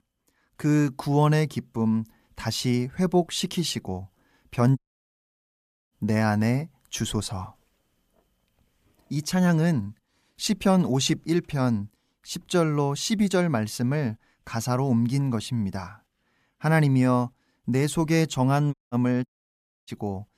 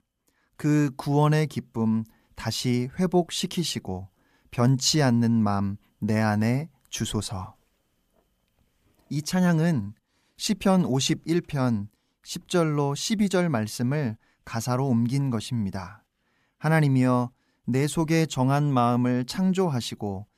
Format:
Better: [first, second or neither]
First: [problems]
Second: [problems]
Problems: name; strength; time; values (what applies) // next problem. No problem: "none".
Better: second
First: audio cutting out; at 5 s for 1 s and at 19 s for 0.5 s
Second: none